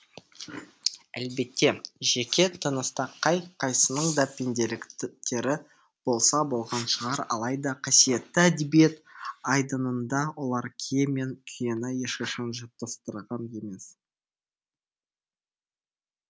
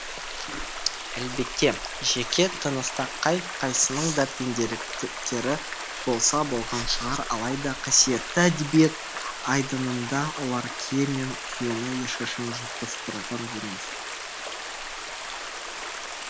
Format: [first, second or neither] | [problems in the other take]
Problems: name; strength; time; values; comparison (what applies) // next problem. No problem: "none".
first | background sound (Stream); 7 dB below the speech